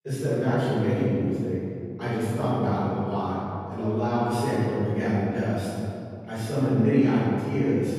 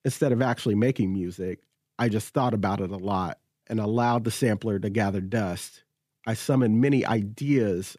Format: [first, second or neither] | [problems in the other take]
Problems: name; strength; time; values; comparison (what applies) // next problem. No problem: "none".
second | off-mic speech; far // room echo; strong; dies away in 2.4 s